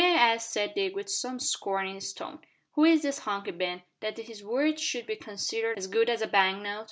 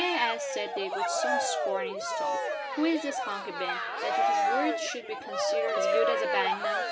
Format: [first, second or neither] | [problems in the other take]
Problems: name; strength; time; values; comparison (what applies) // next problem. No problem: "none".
first | background sound (Cheering); 4 dB above the speech